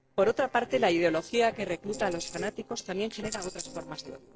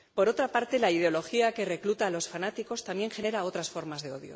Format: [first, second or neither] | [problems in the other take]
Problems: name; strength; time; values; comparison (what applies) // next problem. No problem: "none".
second | noise reduction (neural separator model SepFormer DNS4)